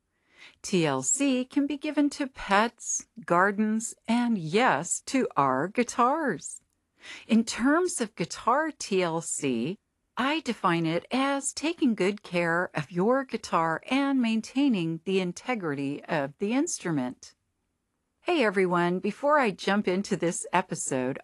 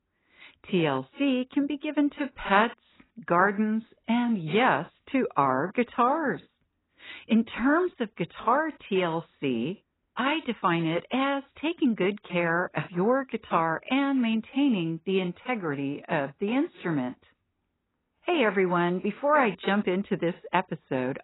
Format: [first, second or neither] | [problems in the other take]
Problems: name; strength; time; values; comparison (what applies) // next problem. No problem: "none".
first | garbled, watery; badly; nothing above 3.5 kHz; slightly in the first